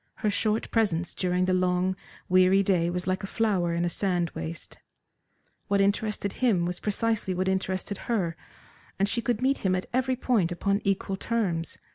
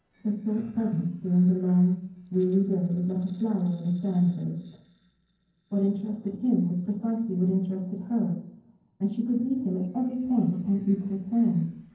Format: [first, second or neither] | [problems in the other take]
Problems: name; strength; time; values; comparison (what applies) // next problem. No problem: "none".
first | noise reduction (neural separator model SepFormer DNS4)